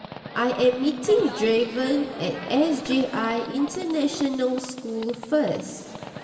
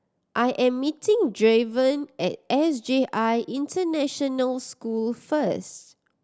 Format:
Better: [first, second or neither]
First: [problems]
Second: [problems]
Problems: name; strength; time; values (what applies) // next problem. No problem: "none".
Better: second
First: background sound (Livestock, farm animals, working animals); 14 dB below the speech // room echo; dies away in 2.8 s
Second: none